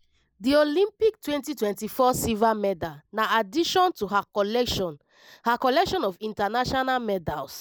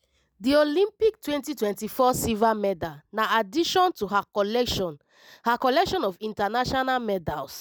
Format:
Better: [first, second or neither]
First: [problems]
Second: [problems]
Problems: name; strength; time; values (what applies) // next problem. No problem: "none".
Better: second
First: noise reduction (neural mask model Resemble Enhance denoiser)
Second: none